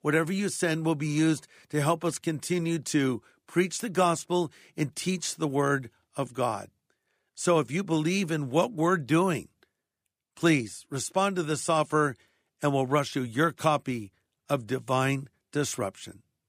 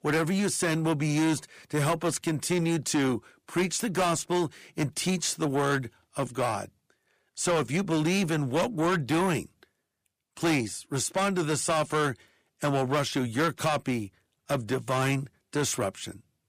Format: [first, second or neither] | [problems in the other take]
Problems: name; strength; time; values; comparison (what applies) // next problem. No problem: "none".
first | distortion; heavy; 8 dB below the speech